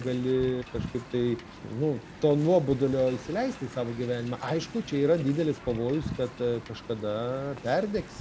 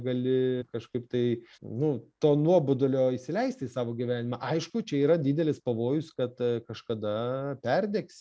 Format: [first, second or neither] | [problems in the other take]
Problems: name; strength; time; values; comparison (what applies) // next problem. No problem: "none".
second | background sound (Wind); 14 dB below the speech